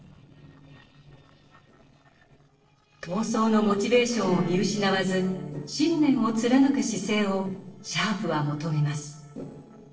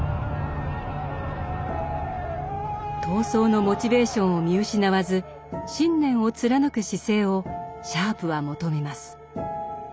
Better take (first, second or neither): second